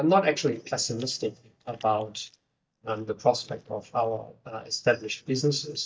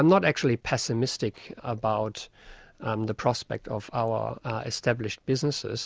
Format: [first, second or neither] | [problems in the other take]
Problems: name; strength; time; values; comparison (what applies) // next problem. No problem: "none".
second | noise reduction (neural mask model DeepFilterNet 3)